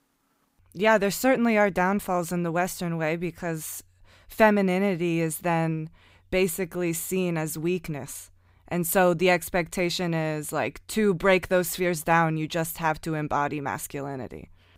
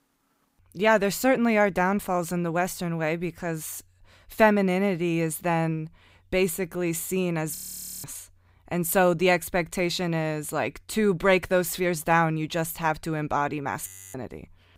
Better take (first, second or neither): first